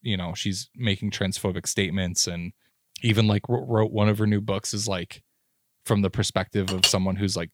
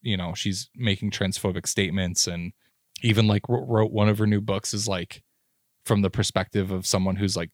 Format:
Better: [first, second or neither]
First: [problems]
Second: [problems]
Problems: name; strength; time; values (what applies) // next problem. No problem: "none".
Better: second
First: clattering dishes; loud; at 6.5 s; peak 3 dB above the speech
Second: none